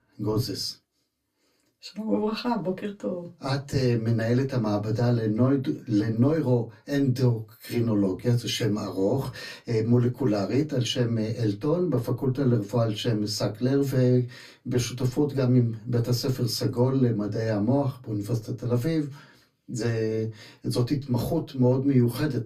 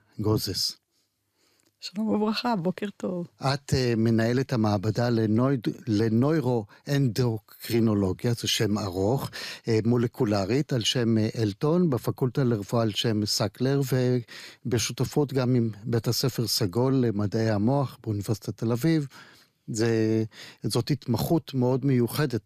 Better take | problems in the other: second | off-mic speech; far // room echo; very slight; dies away in 0.2 s

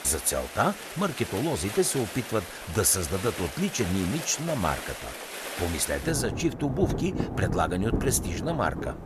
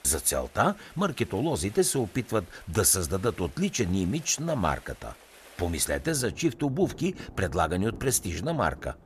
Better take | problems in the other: second | rain or running water; loud; throughout; 7 dB below the speech; faint in the second

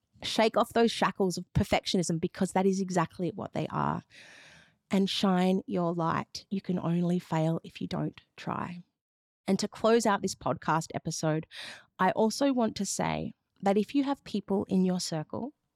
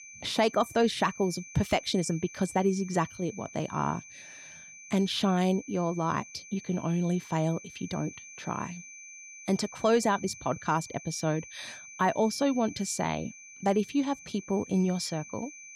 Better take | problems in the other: first | high-pitched whine; noticeable; throughout; 2.5 kHz, 15 dB below the speech

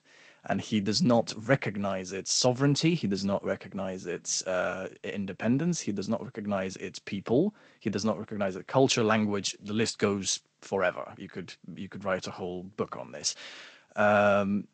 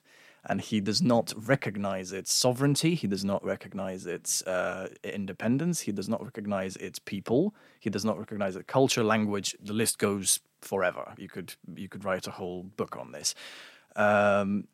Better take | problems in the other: second | garbled, watery; slightly; nothing above 8 kHz

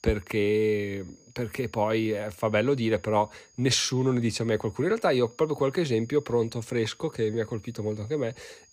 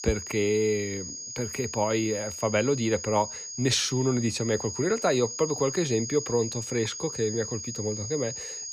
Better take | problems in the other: first | high-pitched whine; loud; throughout; 6.5 kHz, 7 dB below the speech; faint in the first

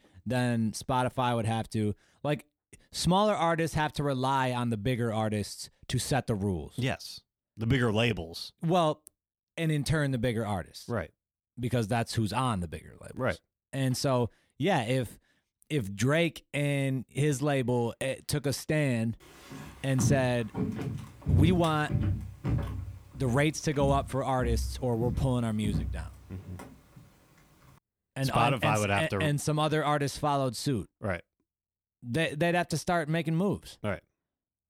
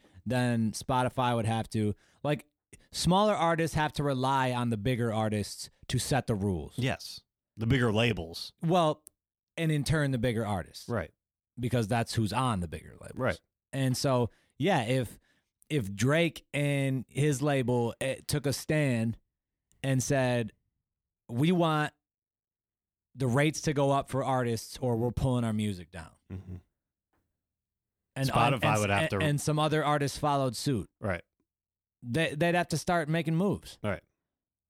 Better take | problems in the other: second | footsteps; loud; from 20 to 26 s; peak 3 dB above the speech

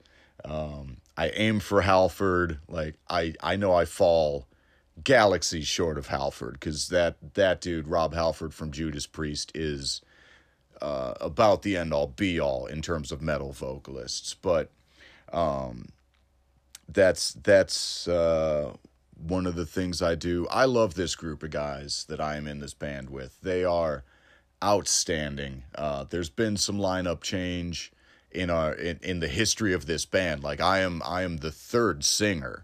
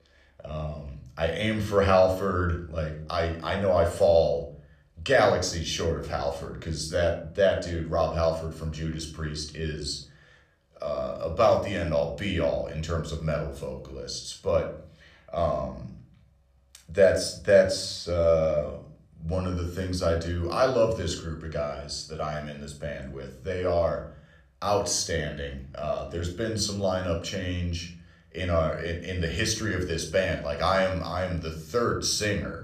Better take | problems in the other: first | room echo; slight; dies away in 0.5 s

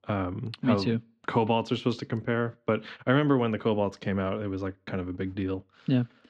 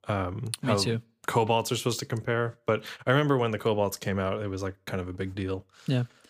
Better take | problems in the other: second | muffled; very slightly; fading above 4 kHz

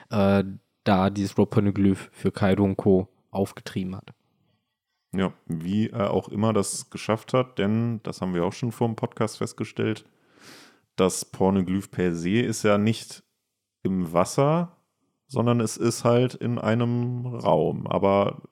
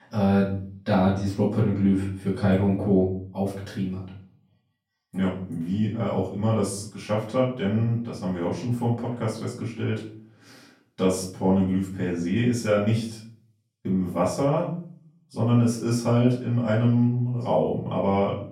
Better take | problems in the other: first | off-mic speech; far // room echo; noticeable; dies away in 0.5 s

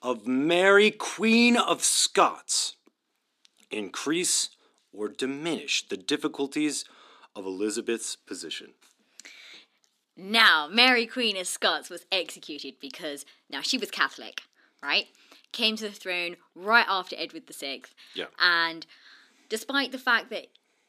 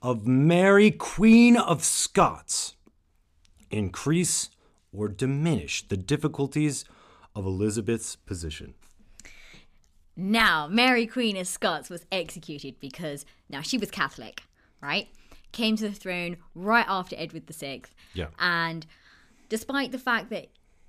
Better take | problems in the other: second | thin; somewhat; fading below 300 Hz

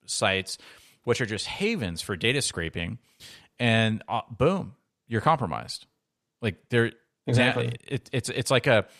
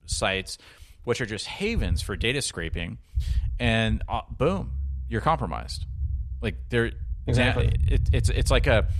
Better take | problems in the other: first | low rumble; noticeable; throughout; 20 dB below the speech

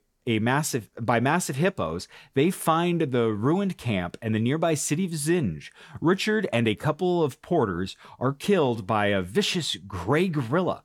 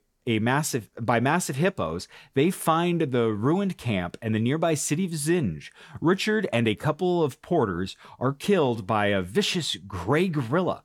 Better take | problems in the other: neither | none

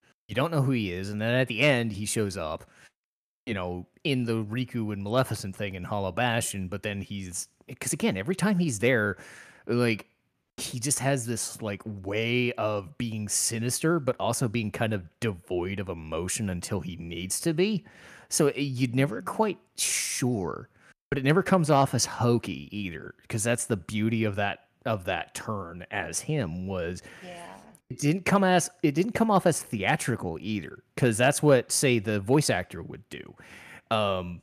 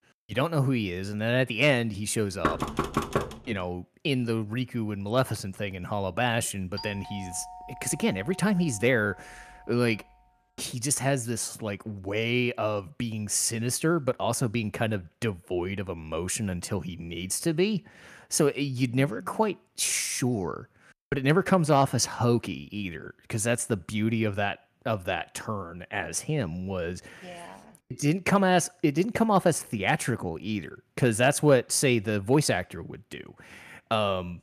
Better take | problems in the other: first | door banging; noticeable; at 2.5 s; peak 1 dB below the speech // doorbell; faint; from 7 to 10 s; peak 15 dB below the speech

